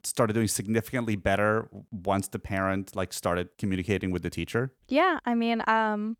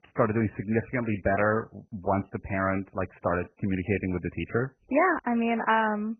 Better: first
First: none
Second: garbled, watery; badly; nothing above 3 kHz

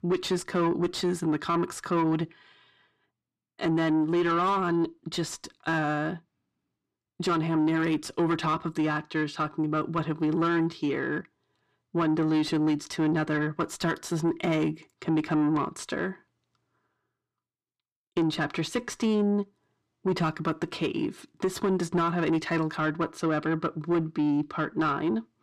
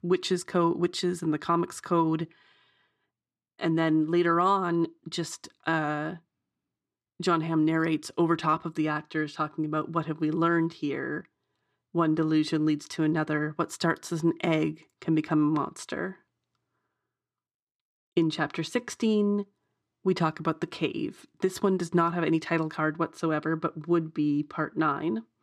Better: second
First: distortion; slight; 10 dB below the speech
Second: none

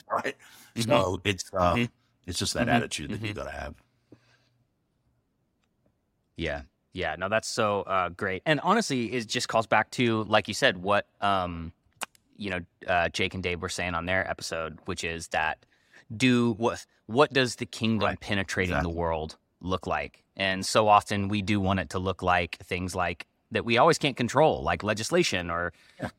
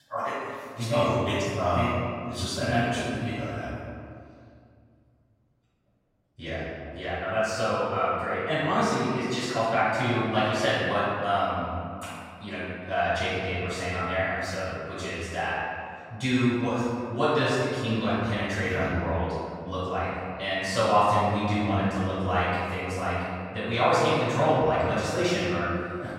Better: first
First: none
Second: room echo; strong; dies away in 2.1 s // off-mic speech; far

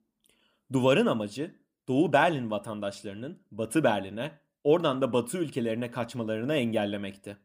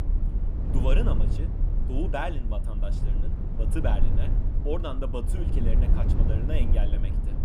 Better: first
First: none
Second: low rumble; loud; throughout; 6 dB below the speech

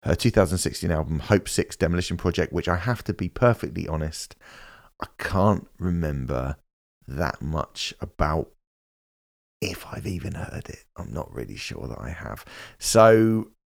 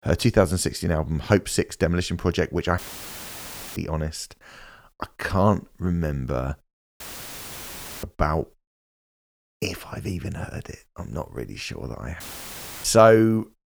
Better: first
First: none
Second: audio cutting out; filled with static; at 3 s for 1 s, at 7 s for 1 s and at 12 s for 0.5 s

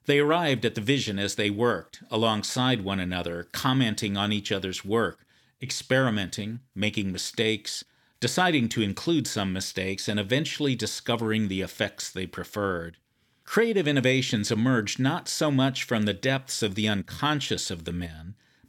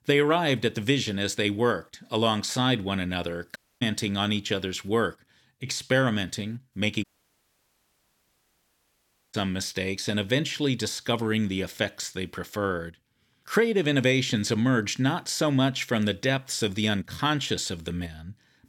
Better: first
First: none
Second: audio cutting out; at 3.5 s and at 7 s for 2.5 s

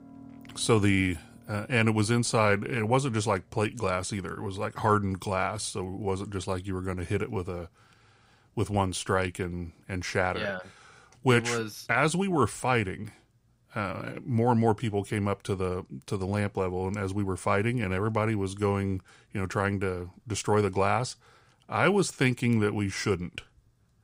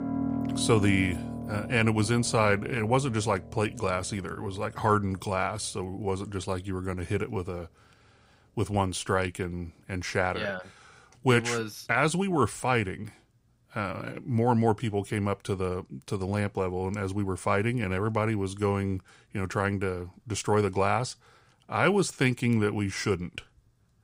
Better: first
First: background music; faint; throughout; 25 dB below the speech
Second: background music; loud; throughout; 9 dB below the speech

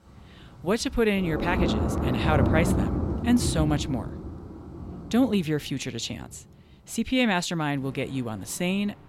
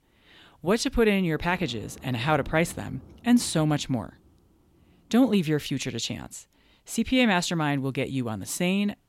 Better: second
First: rain or running water; loud; throughout; 1 dB below the speech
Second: rain or running water; faint; throughout; 25 dB below the speech

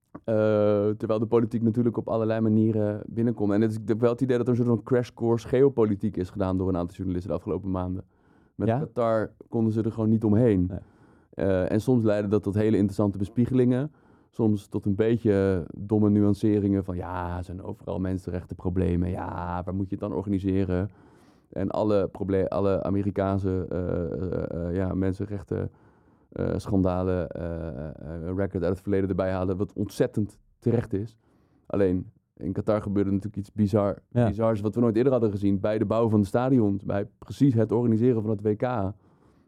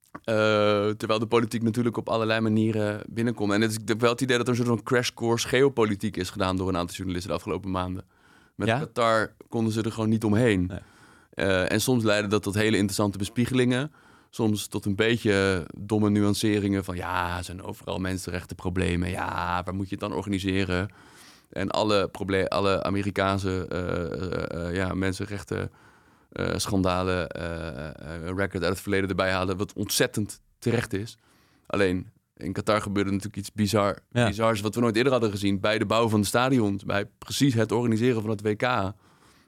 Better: second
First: muffled; very; fading above 1 kHz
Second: none

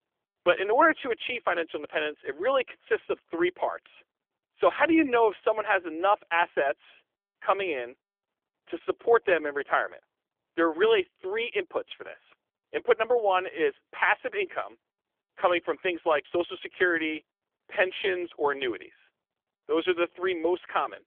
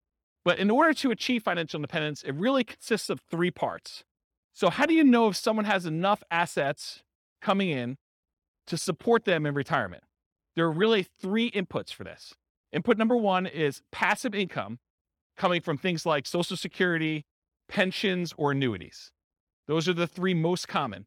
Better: second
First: phone-call audio; nothing above 3.5 kHz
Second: none

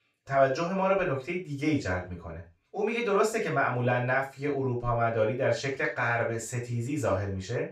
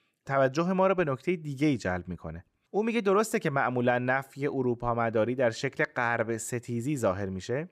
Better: second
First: room echo; slight; dies away in 0.3 s // off-mic speech; far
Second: none

